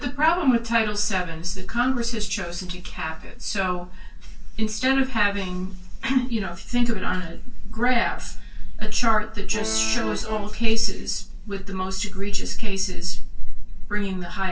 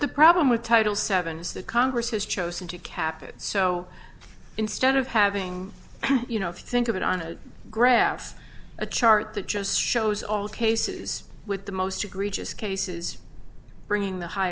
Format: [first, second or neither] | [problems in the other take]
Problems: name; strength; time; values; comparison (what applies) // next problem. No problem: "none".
second | noise reduction (neural separator model SepFormer DNS4)